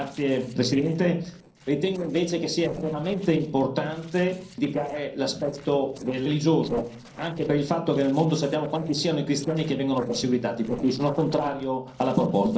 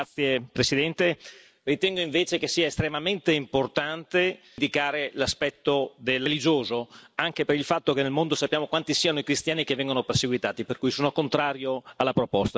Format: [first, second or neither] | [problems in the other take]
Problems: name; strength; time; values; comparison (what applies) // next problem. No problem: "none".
second | noise reduction (neural separator model SepFormer DNS4)